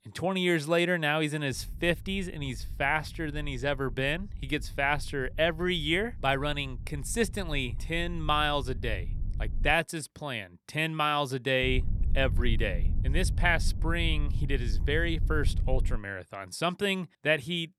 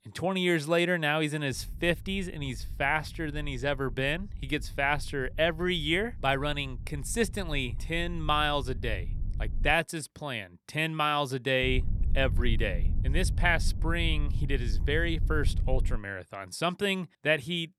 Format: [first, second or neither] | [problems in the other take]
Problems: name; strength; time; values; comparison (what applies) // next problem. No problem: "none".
neither | low rumble; faint; from 1.5 to 9.5 s and from 12 to 16 s; 25 dB below the speech; the same in both